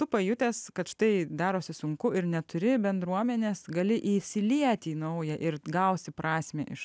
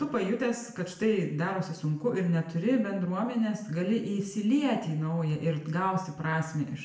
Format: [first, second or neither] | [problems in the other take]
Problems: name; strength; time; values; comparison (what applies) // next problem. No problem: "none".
first | room echo; dies away in 0.7 s